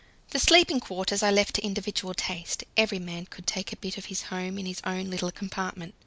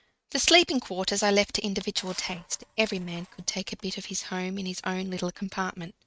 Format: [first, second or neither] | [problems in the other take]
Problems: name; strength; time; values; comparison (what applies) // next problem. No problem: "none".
first | noise reduction (neural mask model RNNoise)